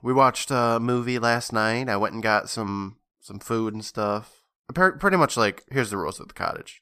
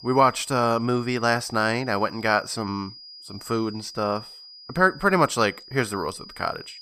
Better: first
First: none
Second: high-pitched whine; noticeable; throughout; 5 kHz, 20 dB below the speech

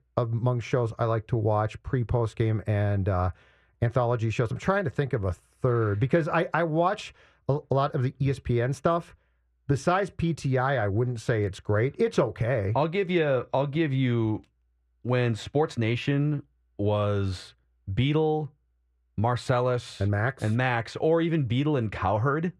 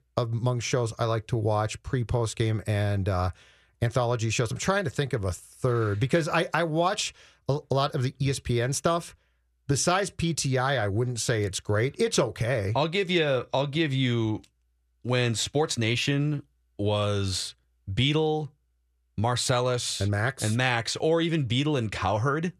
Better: second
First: muffled; slightly; fading above 3 kHz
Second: none

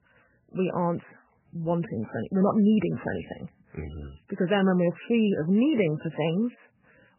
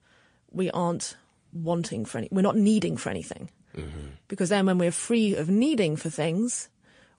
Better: second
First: garbled, watery; badly; nothing above 3 kHz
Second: garbled, watery; slightly; nothing above 9 kHz

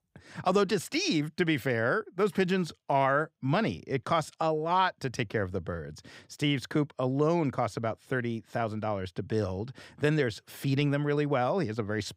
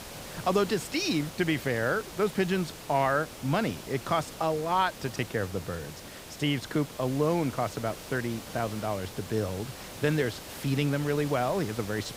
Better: first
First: none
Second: hiss; noticeable; throughout; 10 dB below the speech

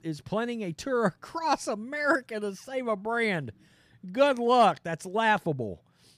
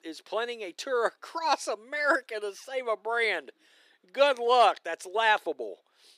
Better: first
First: none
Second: thin; very; fading below 350 Hz

